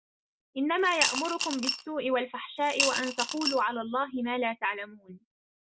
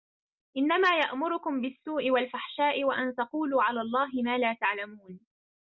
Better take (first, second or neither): second